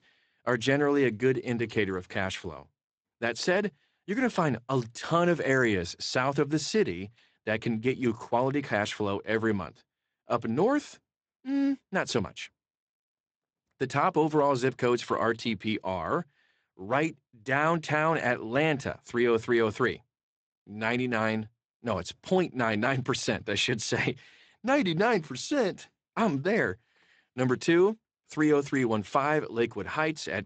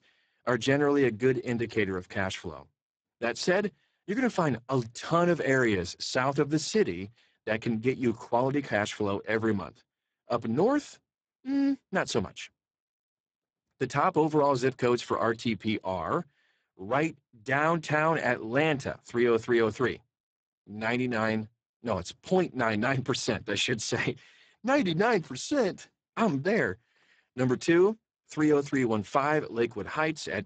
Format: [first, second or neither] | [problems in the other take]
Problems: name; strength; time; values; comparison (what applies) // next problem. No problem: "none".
first | garbled, watery; badly; nothing above 8 kHz; slightly in the first